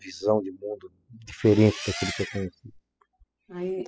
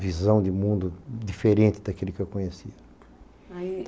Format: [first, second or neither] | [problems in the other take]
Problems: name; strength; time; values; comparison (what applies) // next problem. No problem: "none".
second | noise reduction (classical method spectral subtraction)